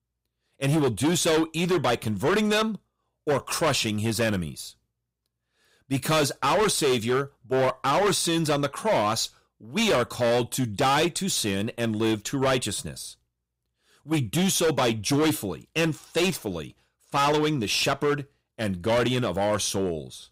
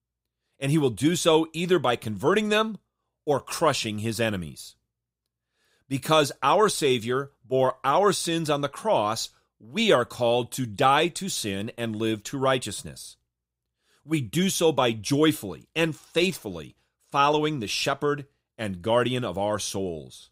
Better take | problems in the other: second | distortion; heavy; 13% of the sound clipped

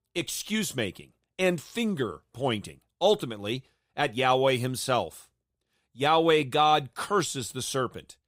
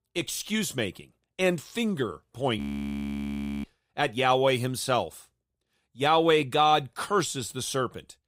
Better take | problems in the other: first | audio freezing; at 2.5 s for 1 s

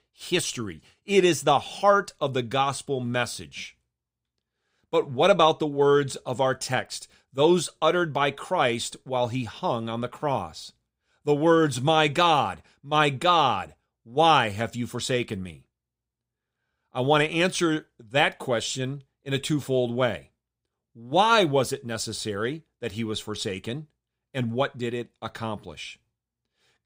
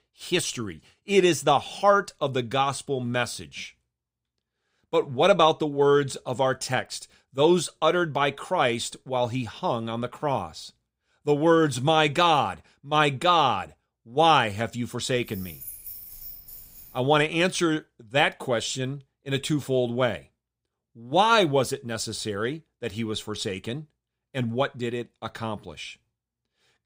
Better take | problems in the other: first | jangling keys; faint; from 15 to 17 s; peak 10 dB below the speech

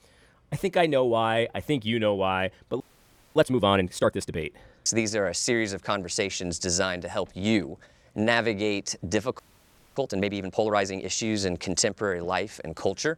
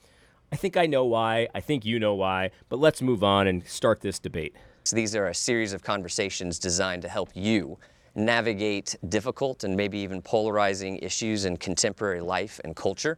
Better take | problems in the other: second | audio freezing; at 3 s for 0.5 s and at 9.5 s for 0.5 s

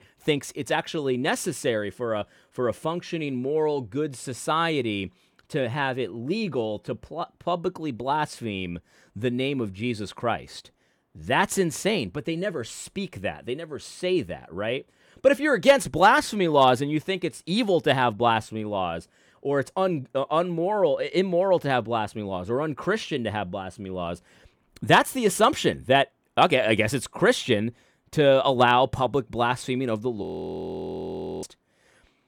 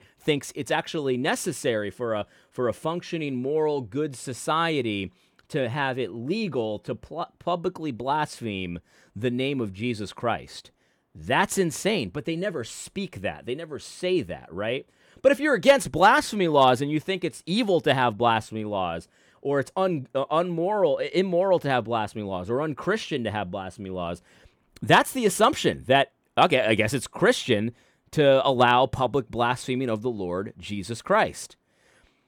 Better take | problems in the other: second | audio freezing; at 30 s for 1 s

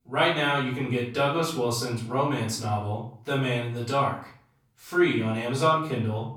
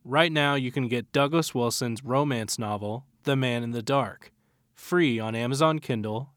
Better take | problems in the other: second | off-mic speech; far // room echo; noticeable; dies away in 0.4 s

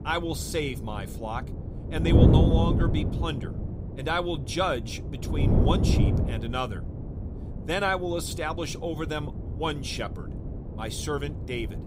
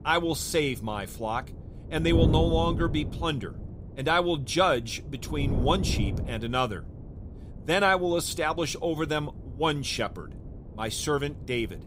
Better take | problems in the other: second | wind noise on the microphone; heavy; 6 dB below the speech; occasional gusts in the second

